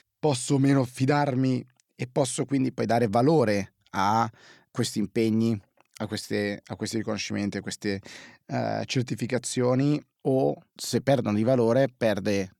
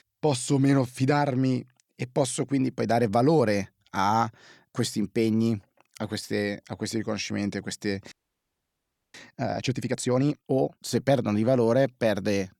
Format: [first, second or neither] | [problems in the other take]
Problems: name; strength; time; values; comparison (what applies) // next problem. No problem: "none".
first | audio freezing; at 8 s for 1 s